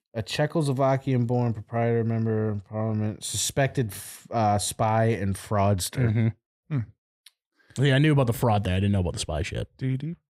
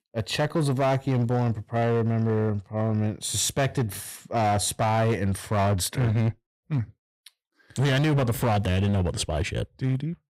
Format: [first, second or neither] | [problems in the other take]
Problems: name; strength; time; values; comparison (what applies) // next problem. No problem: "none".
first | distortion; slight; 14% of the sound clipped